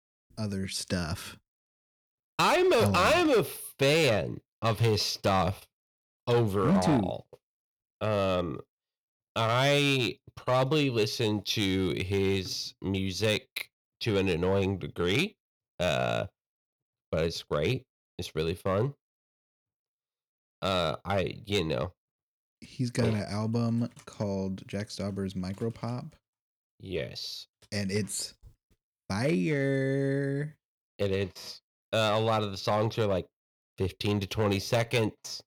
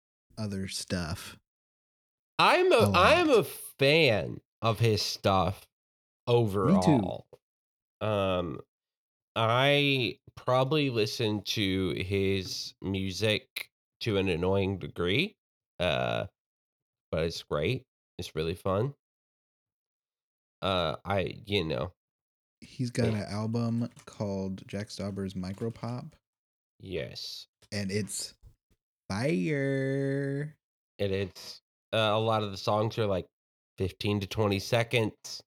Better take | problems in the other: second | distortion; slight; 3% of the sound clipped

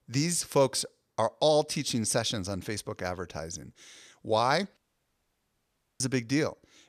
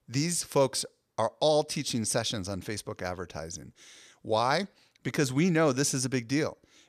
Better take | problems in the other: second | audio cutting out; at 5 s for 1 s

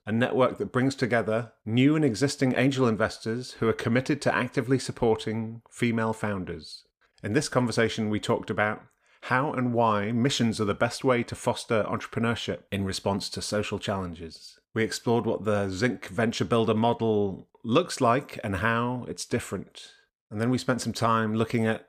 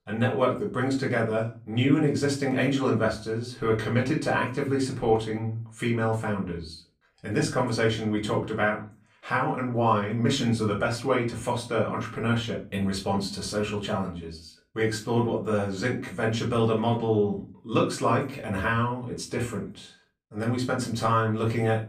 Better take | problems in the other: first | off-mic speech; far // room echo; slight; dies away in 0.3 s

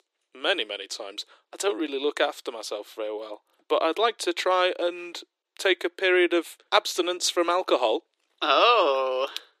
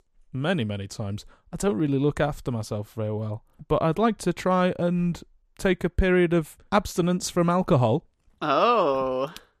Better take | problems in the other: second | thin; very; fading below 350 Hz

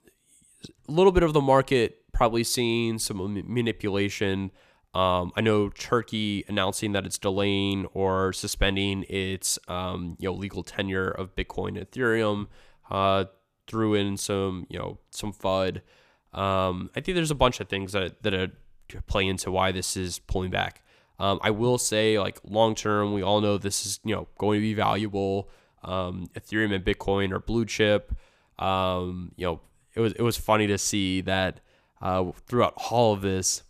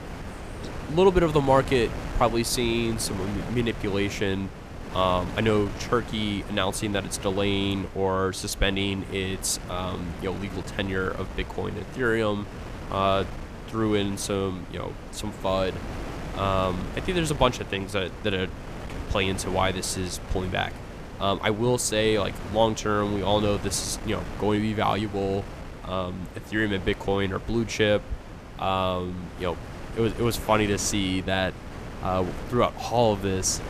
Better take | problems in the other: first | wind noise on the microphone; occasional gusts; 15 dB below the speech

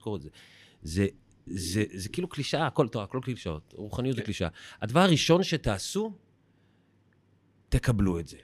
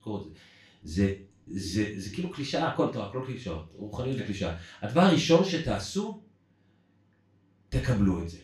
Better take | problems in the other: first | room echo; noticeable; dies away in 0.3 s // off-mic speech; far

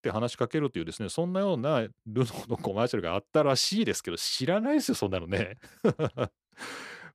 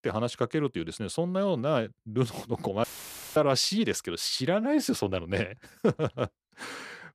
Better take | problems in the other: first | audio cutting out; filled with static; at 3 s for 0.5 s

